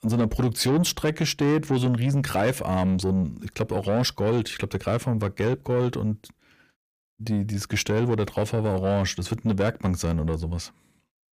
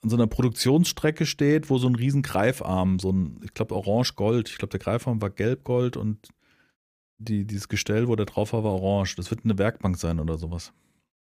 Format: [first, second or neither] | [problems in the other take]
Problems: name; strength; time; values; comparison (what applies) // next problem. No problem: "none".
second | distortion; slight; 10 dB below the speech